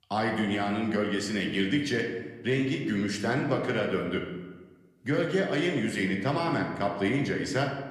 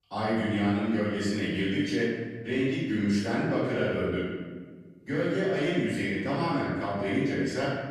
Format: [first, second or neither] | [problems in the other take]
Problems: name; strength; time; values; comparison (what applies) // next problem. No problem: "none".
first | room echo; strong; dies away in 1.3 s; slight in the first // off-mic speech; far